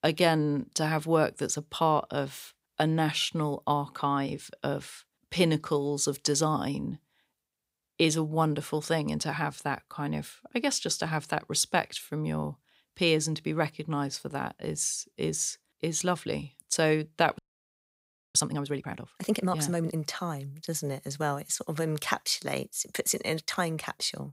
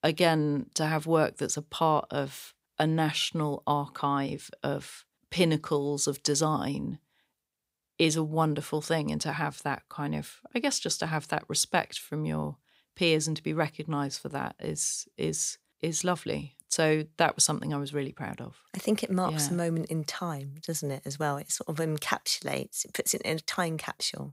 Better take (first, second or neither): second